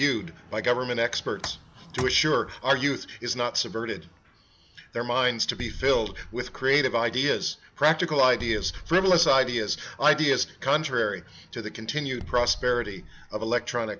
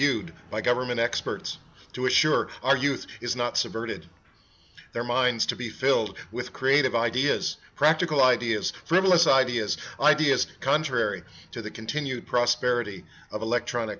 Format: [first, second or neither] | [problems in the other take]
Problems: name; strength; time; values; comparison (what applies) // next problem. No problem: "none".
second | background sound (Bass drum + Tick); 14 dB below the speech